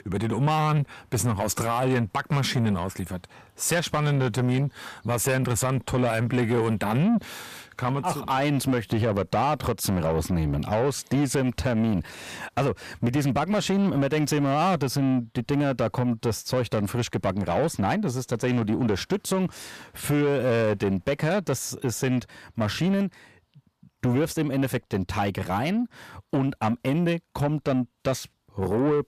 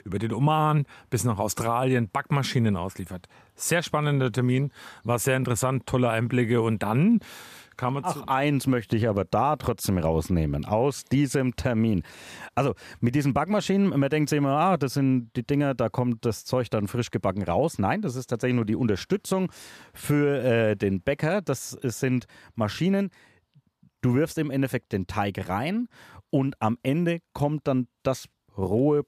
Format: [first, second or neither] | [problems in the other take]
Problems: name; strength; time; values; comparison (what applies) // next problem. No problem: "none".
second | distortion; slight; 10 dB below the speech